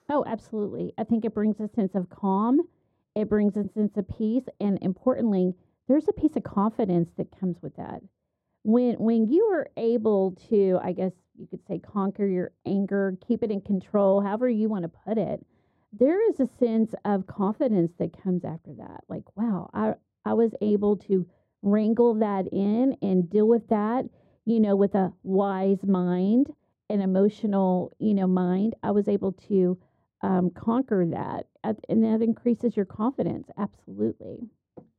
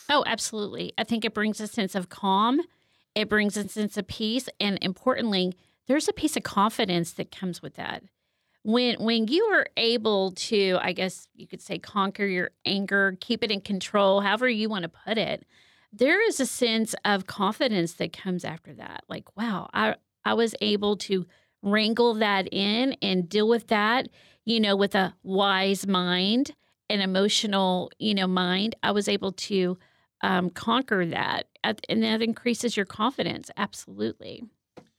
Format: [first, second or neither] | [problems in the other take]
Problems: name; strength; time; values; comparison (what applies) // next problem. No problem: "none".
second | muffled; very; fading above 1.5 kHz